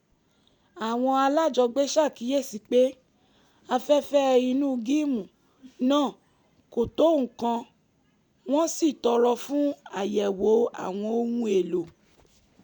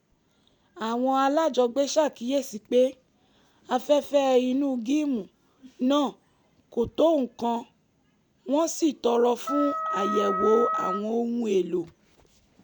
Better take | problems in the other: first | background sound (Wind instrument, woodwind instrument); 3 dB below the speech

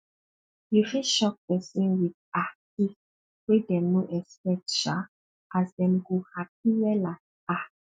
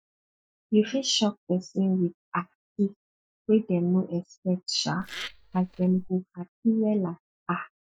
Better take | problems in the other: first | noise reduction (neural mask model DeepFilterNet 3)

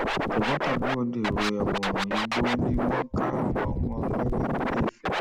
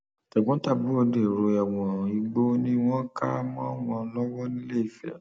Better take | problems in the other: second | background sound (Scratching (performance technique)); 4 dB above the speech

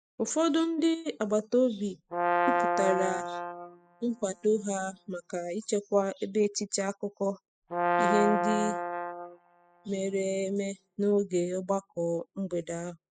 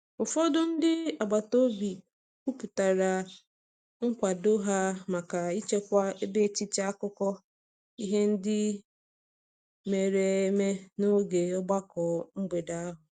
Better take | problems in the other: second | noise reduction (classical method spectral subtraction)

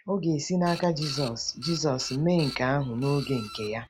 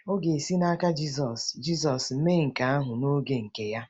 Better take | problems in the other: second | background sound (Printer); 14 dB below the speech

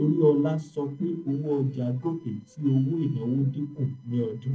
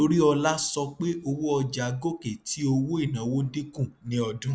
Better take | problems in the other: second | noise reduction (neural separator model SepFormer DNS4)

